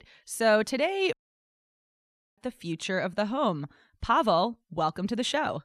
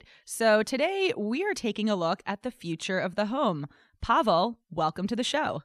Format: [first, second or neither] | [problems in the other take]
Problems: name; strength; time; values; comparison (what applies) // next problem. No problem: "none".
second | audio cutting out; at 1 s for 1 s